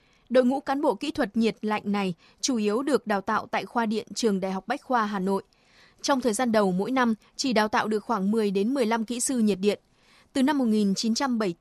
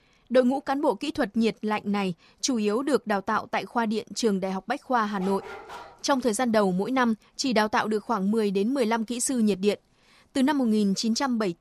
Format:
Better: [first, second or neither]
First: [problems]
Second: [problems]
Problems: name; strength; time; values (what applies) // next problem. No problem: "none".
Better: first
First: none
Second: dog barking; faint; at 5 s; peak 15 dB below the speech